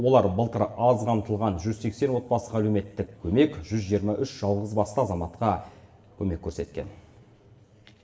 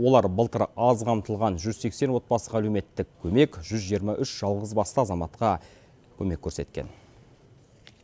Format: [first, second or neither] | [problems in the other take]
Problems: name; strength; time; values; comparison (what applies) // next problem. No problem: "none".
second | room echo; dies away in 1.9 s